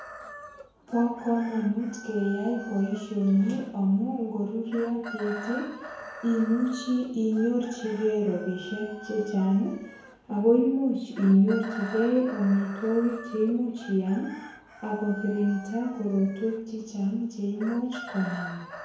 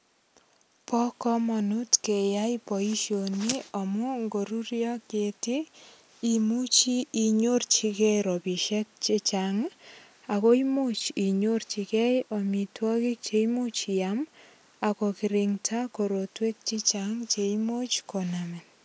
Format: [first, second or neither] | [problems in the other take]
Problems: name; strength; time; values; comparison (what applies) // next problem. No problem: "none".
second | background sound (Chicken, rooster); 16 dB below the speech // room echo; dies away in 0.9 s